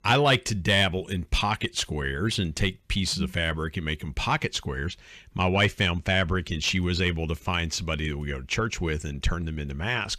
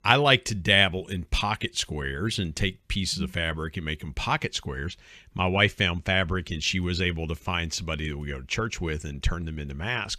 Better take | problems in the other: second | distortion; slight; 10 dB below the speech

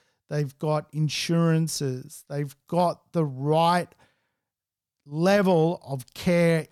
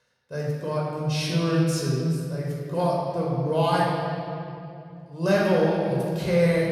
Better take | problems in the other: first | off-mic speech; far // room echo; strong; dies away in 2.5 s

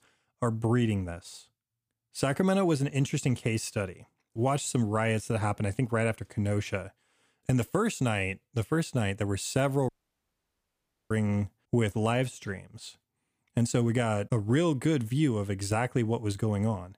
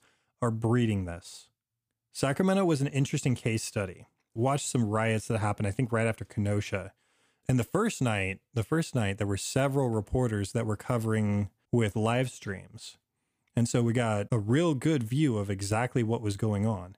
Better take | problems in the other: second | audio cutting out; at 10 s for 1 s

